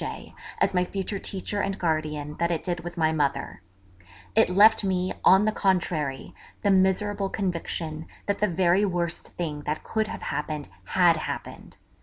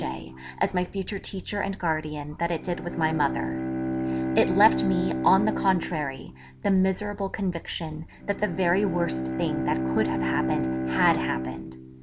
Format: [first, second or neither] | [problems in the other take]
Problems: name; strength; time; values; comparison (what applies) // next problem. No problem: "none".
first | background sound (Bowed string instrument); 3 dB below the speech